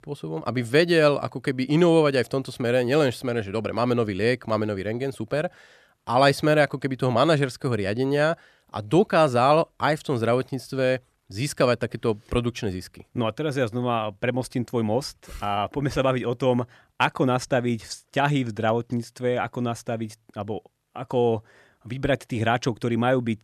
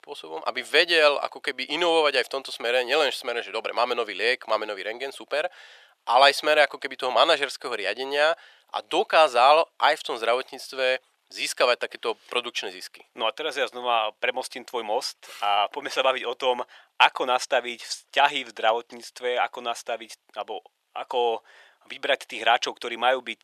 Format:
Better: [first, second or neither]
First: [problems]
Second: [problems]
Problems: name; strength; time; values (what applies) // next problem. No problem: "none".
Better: first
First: none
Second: thin; very; fading below 500 Hz